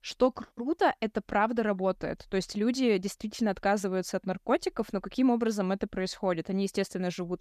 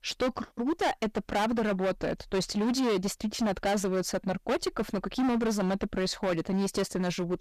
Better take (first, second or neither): first